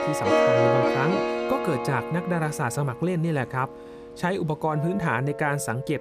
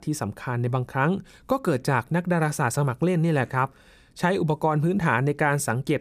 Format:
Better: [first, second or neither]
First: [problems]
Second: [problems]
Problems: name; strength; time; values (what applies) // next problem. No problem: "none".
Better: second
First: background music; very loud; throughout; 1 dB above the speech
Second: none